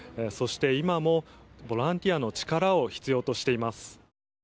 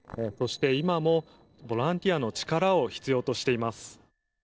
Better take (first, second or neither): first